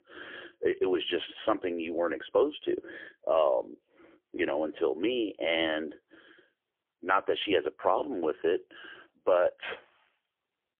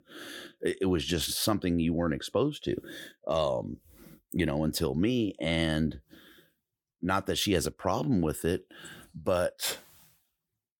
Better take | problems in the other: second | phone-call audio; poor line; nothing above 3.5 kHz

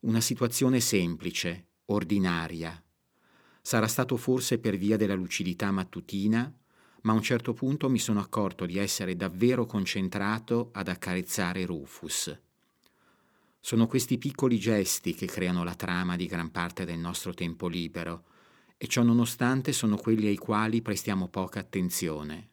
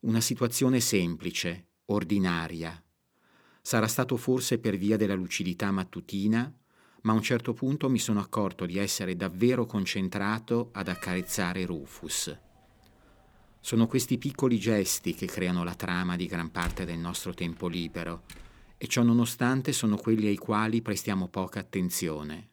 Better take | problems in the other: first | door banging; faint; from 11 to 18 s; peak 10 dB below the speech

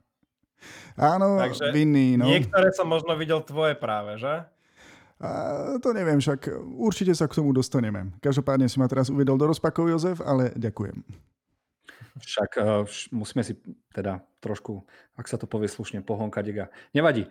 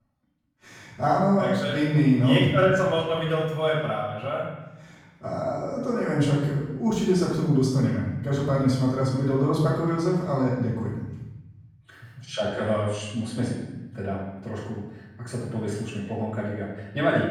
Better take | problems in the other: first | off-mic speech; far // room echo; noticeable; dies away in 1 s

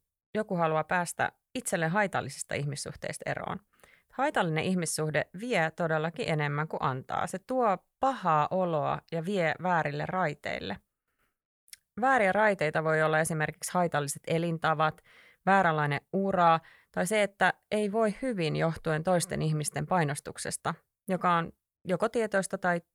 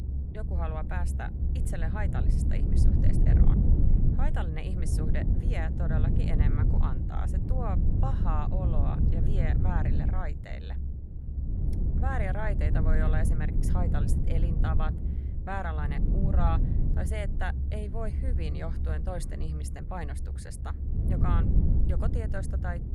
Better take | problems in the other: first | low rumble; loud; throughout; 3 dB below the speech

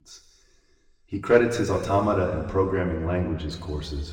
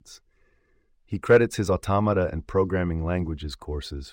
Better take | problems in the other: second | room echo; noticeable; dies away in 2 s // off-mic speech; somewhat distant

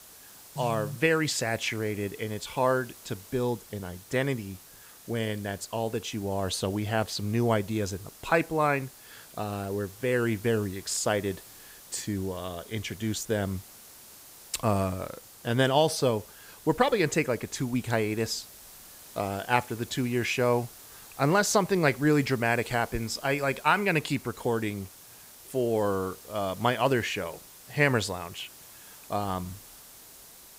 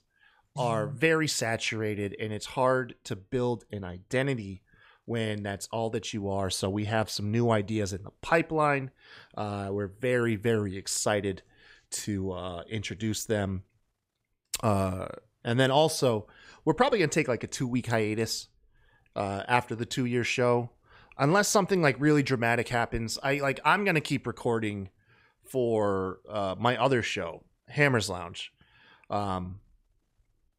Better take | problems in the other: second | hiss; noticeable; throughout; 20 dB below the speech

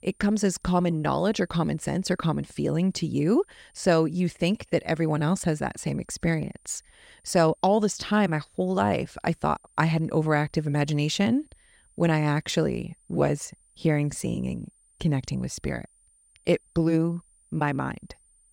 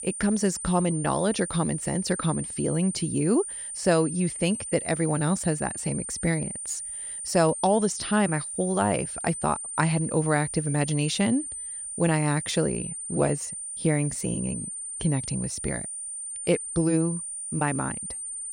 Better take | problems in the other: first | high-pitched whine; loud; throughout; 9 kHz, 6 dB below the speech; faint in the first

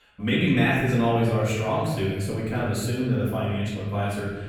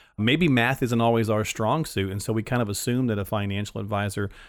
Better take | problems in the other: second | off-mic speech; far // room echo; noticeable; dies away in 1.5 s

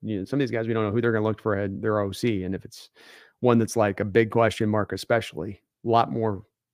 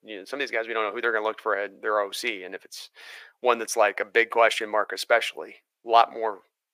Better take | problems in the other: first | thin; very; fading below 550 Hz

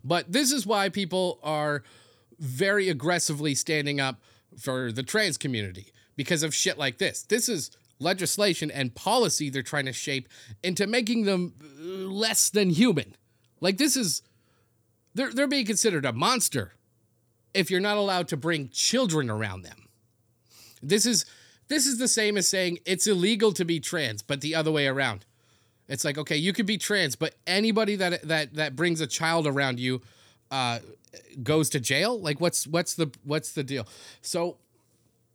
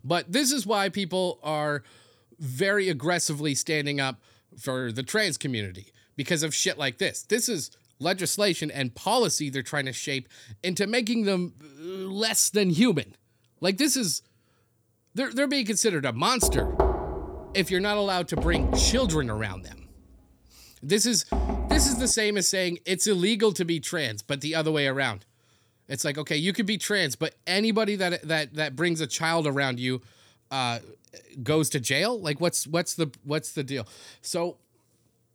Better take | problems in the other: first | door banging; loud; from 16 to 22 s; peak 1 dB above the speech

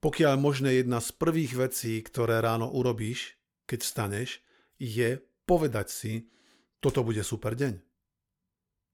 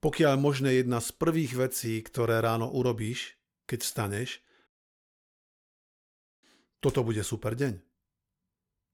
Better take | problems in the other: first | audio cutting out; at 4.5 s for 2 s

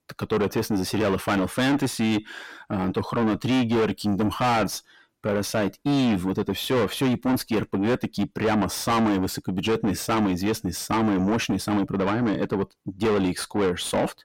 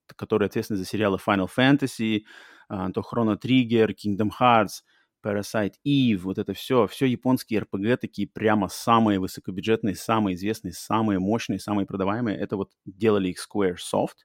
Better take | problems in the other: second | distortion; heavy; 6 dB below the speech

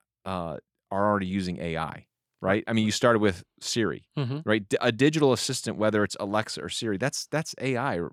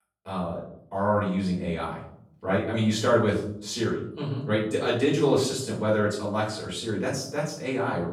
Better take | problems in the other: first | off-mic speech; far // room echo; noticeable; dies away in 0.6 s

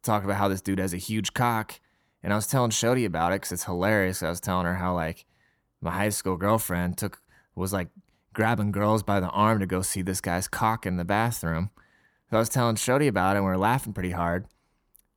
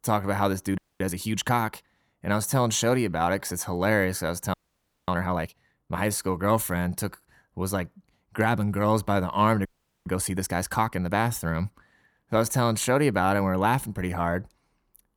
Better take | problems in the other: first | audio freezing; at 1 s, at 4.5 s for 0.5 s and at 9.5 s

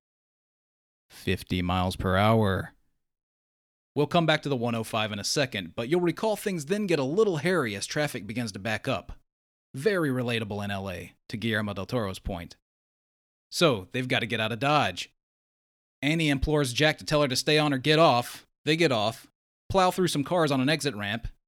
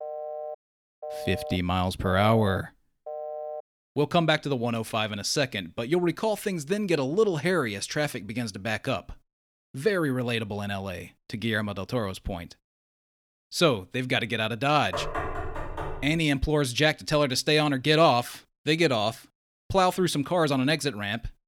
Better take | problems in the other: first | phone ringing; noticeable; until 3.5 s; peak 9 dB below the speech // door banging; noticeable; from 15 to 16 s; peak 6 dB below the speech

